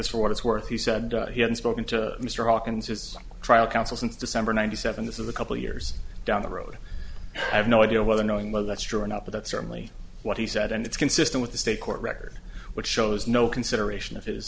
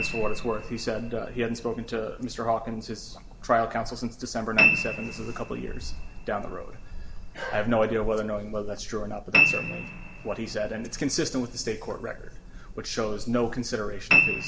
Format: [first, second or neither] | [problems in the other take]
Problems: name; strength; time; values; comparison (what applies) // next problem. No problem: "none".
first | background sound (Piano); 2 dB below the speech // room echo; dies away in 1.4 s